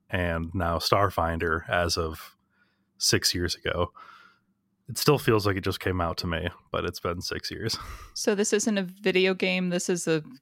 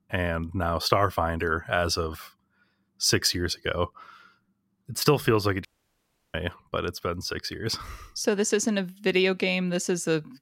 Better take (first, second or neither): first